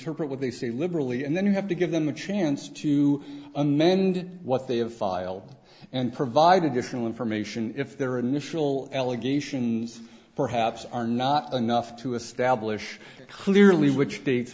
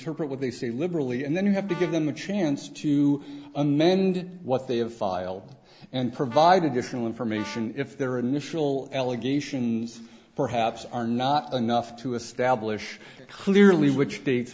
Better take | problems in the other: first | background sound (Brass instrument); 19 dB below the speech

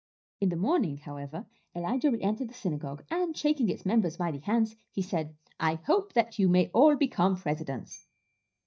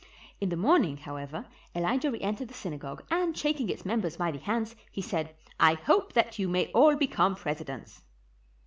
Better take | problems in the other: second | noise reduction (neural mask model DeepFilterNet 3)

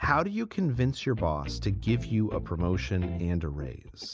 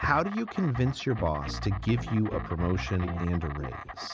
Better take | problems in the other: first | background sound (Insect); 14 dB below the speech

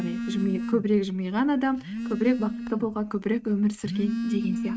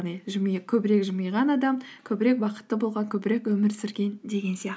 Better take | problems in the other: second | noise reduction (neural mask model RNNoise)

